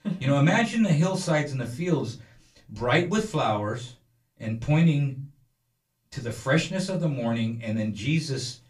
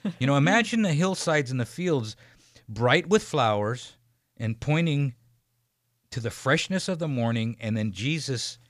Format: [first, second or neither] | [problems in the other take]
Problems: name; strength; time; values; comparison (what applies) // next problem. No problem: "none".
second | off-mic speech; far // room echo; very slight; dies away in 0.2 s